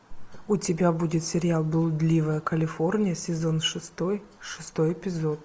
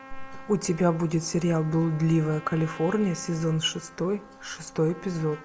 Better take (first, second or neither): first